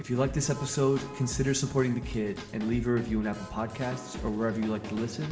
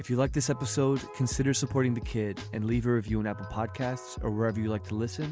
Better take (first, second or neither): second